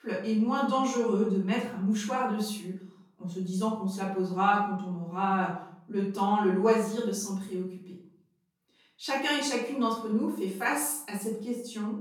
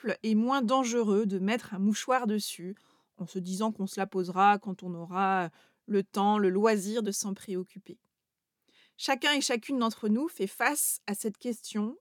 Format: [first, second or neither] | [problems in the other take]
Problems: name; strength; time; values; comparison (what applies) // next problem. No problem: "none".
second | room echo; noticeable; dies away in 0.6 s // off-mic speech; far